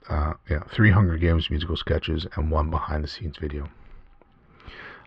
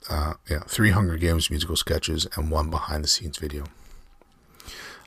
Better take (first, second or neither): second